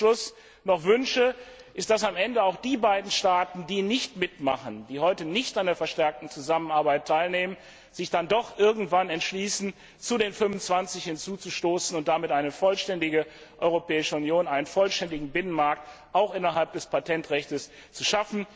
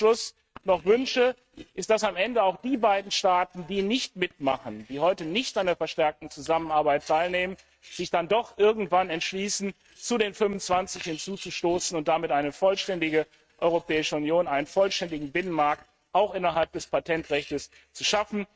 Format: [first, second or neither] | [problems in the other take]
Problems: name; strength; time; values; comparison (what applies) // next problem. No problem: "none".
first | noise reduction (neural mask model RNNoise)